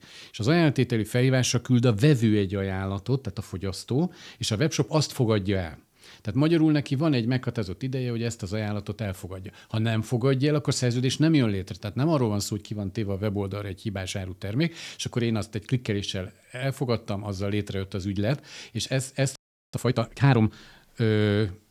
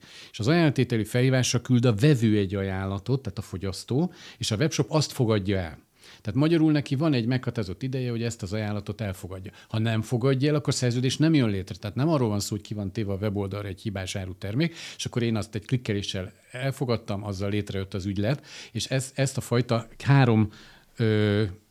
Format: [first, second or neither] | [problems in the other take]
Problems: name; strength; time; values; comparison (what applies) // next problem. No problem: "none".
second | audio freezing; at 19 s